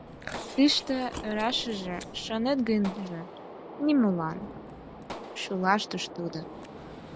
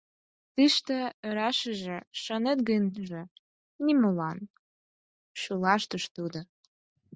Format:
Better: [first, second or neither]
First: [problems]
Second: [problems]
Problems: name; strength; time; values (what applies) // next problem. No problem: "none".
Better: second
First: background sound (Chewing, mastication + Gunshot, gunfire); 12 dB below the speech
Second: none